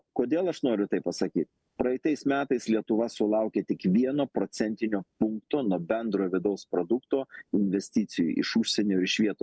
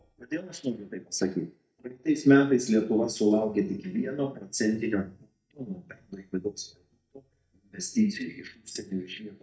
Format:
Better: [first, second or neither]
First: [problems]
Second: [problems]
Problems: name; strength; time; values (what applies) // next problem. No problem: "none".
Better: first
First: none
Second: noise reduction (neural mask model DeepFilterNet 3)